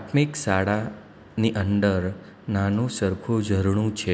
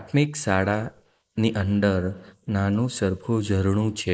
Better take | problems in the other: first | noise reduction (neural mask model Resemble Enhance denoiser)

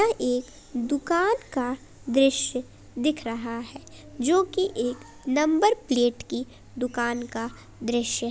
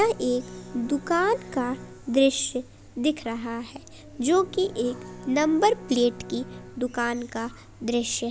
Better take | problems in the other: first | background sound (Bowed string instrument); 18 dB below the speech

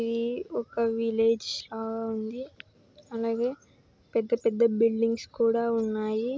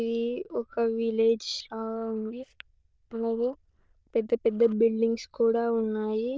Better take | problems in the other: first | noise reduction (neural diffusion model UNIVERSE++)

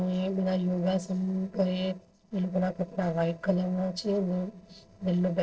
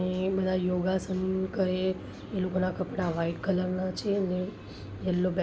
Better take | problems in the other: second | noise reduction (neural separator model SepFormer DNS4)

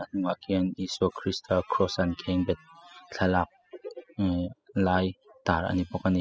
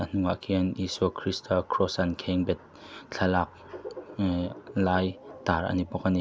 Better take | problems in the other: second | noise reduction (classical method spectral subtraction)

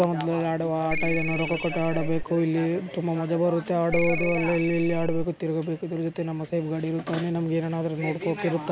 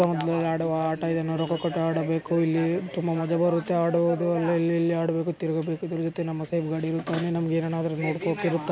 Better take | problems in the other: second | background sound (Ringtone); 3 dB below the speech

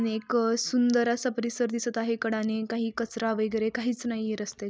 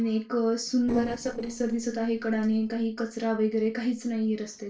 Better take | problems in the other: first | noise reduction (neural separator model SepFormer DNS4)

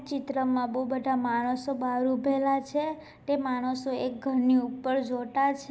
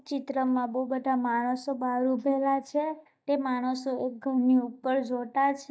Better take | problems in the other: first | noise reduction (neural mask model DeepFilterNet 3)

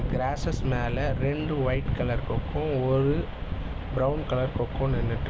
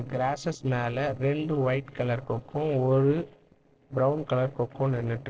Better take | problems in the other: first | noise reduction (neural separator model SepFormer DNS4)

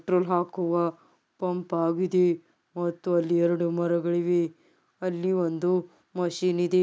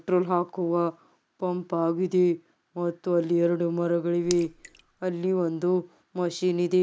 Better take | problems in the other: first | background sound (Raindrop / Splash, splatter); 16 dB below the speech

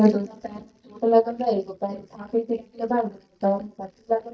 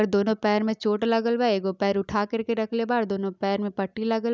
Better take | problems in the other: second | noise reduction (neural mask model DeepFilterNet 3)

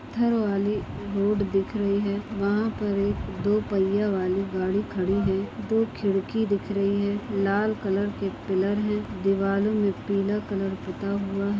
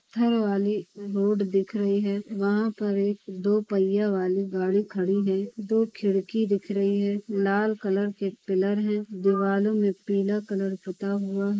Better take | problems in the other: first | noise reduction (neural mask model Resemble Enhance denoiser)

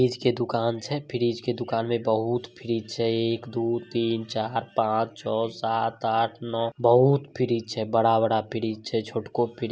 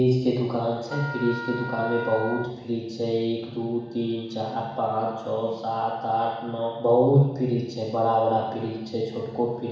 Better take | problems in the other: first | background sound (Wind instrument, woodwind instrument); 10 dB below the speech // room echo; dies away in 1.1 s

